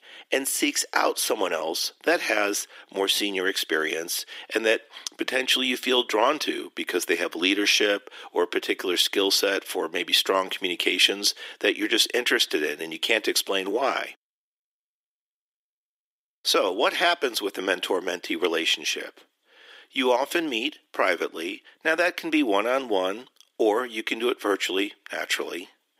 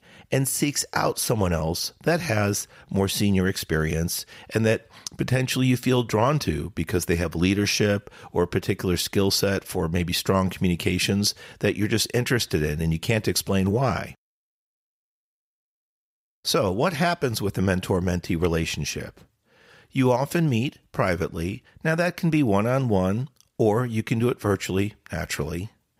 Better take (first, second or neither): second